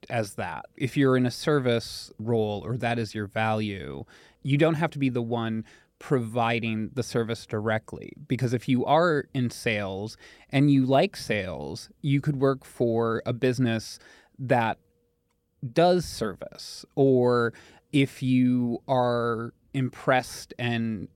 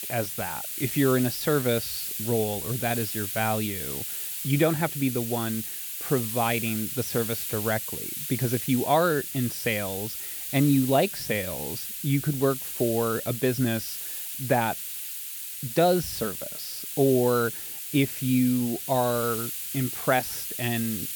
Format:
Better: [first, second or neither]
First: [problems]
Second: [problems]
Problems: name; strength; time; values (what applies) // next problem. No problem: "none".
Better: first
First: none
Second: hiss; loud; throughout; 5 dB below the speech